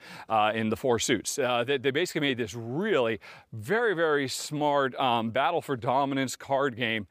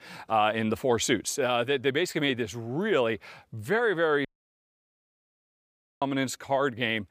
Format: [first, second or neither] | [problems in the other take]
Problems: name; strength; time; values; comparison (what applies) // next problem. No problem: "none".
first | audio cutting out; at 4.5 s for 2 s